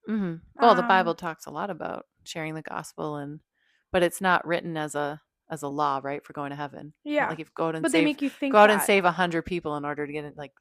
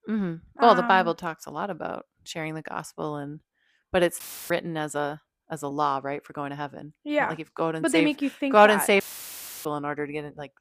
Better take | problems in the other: first | audio cutting out; filled with static; at 4 s and at 9 s for 0.5 s

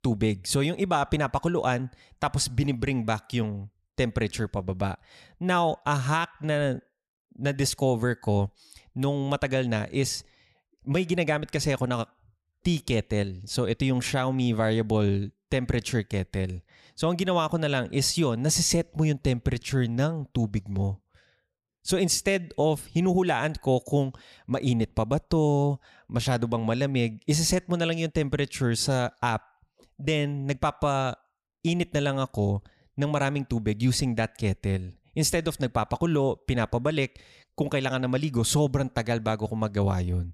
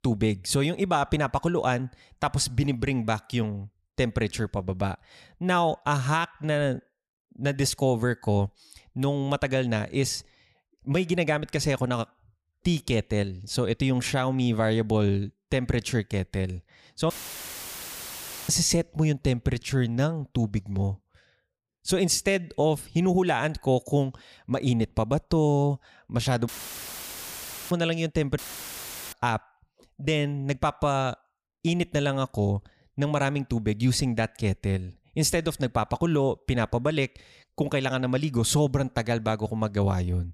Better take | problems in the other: first | audio cutting out; filled with static; at 17 s for 1.5 s, at 26 s for 1 s and at 28 s for 1 s

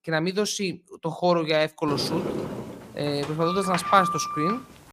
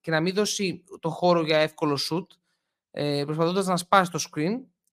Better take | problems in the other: second | door banging; loud; from 2 s on; peak level with the speech

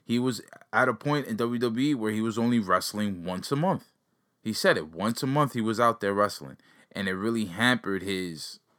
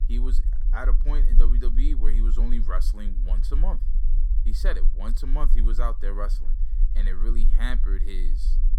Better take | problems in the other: first | low rumble; noticeable; throughout; 15 dB below the speech

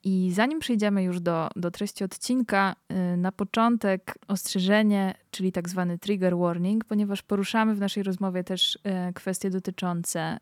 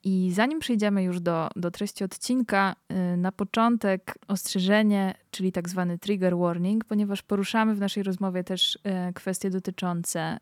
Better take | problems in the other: neither | none

